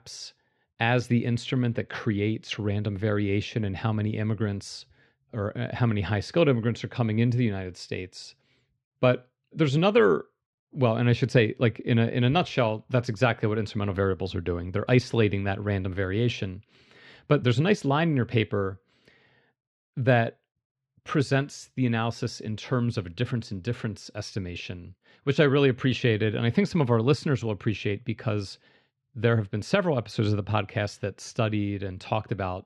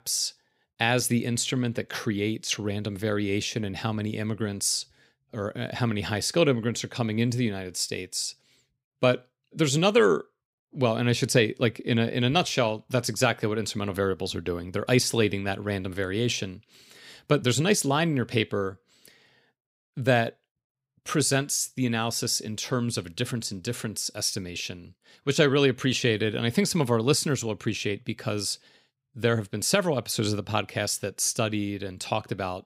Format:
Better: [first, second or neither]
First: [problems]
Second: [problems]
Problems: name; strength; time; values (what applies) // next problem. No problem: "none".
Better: second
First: muffled; slightly; fading above 3 kHz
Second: none